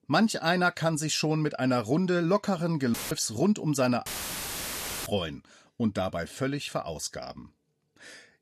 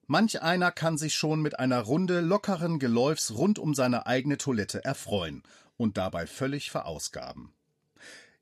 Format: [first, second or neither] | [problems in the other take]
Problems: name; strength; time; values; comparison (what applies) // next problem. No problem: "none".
second | audio cutting out; filled with static; at 3 s and at 4 s for 1 s